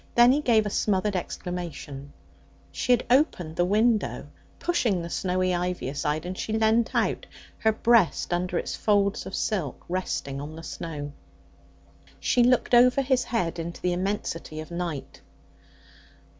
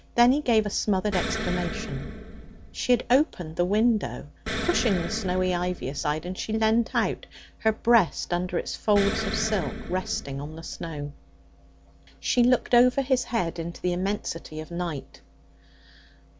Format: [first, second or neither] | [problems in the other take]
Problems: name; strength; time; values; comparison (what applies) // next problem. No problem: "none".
first | background sound (Explosion); 7 dB below the speech